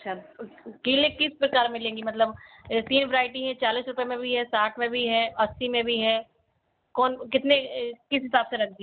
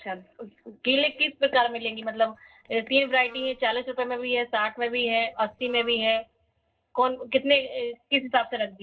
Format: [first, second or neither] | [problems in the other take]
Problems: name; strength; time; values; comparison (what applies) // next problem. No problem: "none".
first | noise reduction (neural separator model SepFormer DNS4)